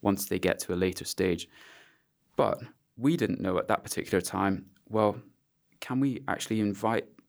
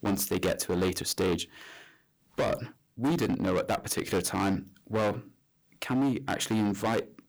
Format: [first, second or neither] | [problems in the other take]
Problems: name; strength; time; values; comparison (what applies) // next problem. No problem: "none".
first | distortion; heavy; 13% of the sound clipped